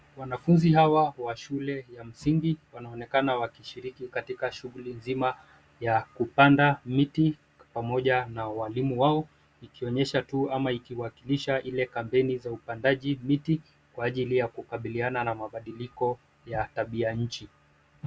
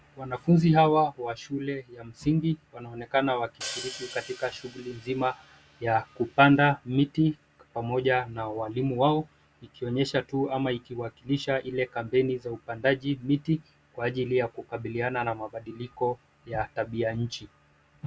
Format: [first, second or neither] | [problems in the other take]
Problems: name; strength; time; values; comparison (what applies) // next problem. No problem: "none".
first | background sound (Hi-hat); 16 dB below the speech